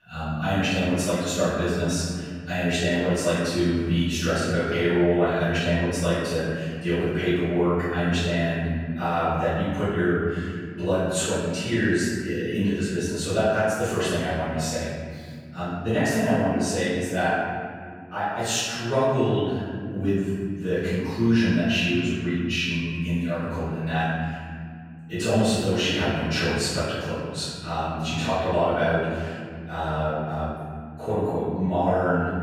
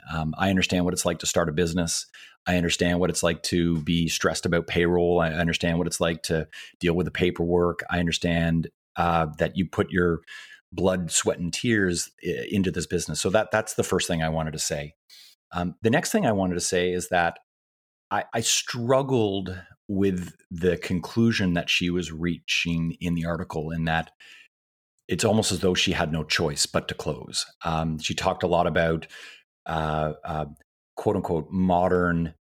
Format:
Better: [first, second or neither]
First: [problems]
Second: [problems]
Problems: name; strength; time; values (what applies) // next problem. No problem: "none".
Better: second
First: off-mic speech; far // room echo; strong; dies away in 2.4 s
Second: none